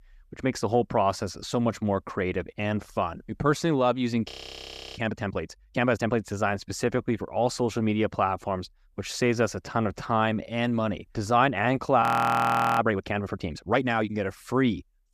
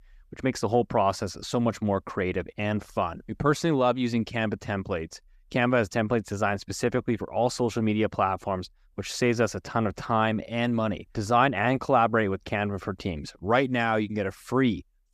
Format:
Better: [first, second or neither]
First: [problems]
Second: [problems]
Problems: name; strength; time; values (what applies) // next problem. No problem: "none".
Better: second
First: audio freezing; at 4.5 s for 0.5 s and at 12 s for 1 s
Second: none